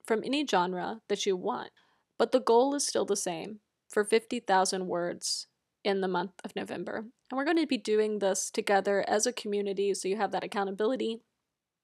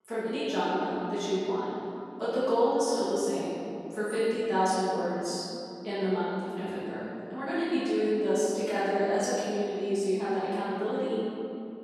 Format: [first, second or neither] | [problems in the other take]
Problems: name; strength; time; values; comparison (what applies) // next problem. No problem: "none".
first | off-mic speech; far // room echo; strong; dies away in 3 s